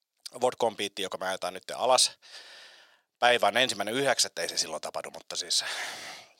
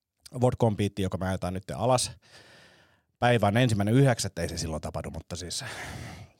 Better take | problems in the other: second | thin; very; fading below 600 Hz

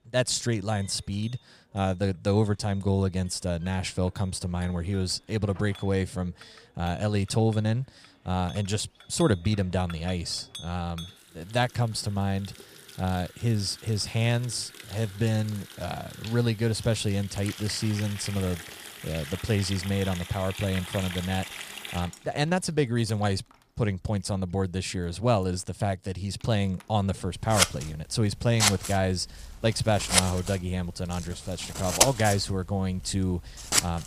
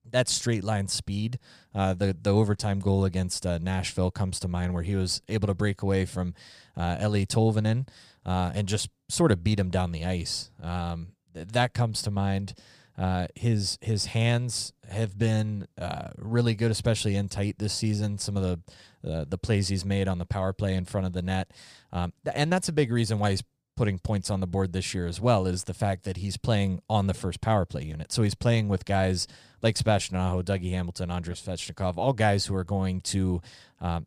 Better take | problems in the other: second | household noises; loud; throughout; 3 dB below the speech

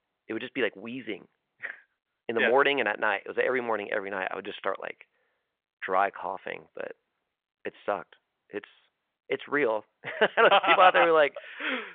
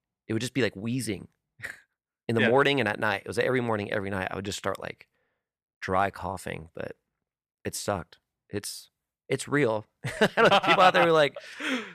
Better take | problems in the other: second | phone-call audio; nothing above 3.5 kHz

